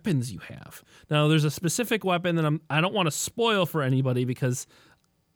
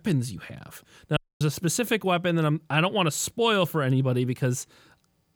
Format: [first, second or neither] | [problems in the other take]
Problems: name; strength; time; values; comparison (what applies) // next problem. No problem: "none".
first | audio cutting out; at 1 s